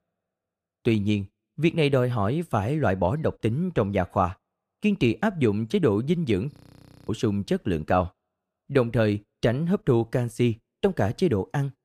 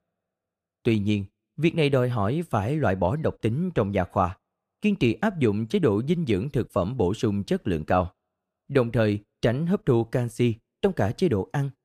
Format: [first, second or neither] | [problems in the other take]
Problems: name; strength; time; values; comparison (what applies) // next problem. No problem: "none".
second | audio freezing; at 6.5 s for 0.5 s